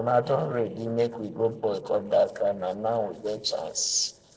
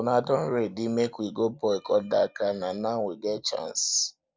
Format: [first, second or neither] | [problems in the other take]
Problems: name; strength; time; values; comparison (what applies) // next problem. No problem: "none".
second | noise reduction (neural separator model SepFormer DNS4)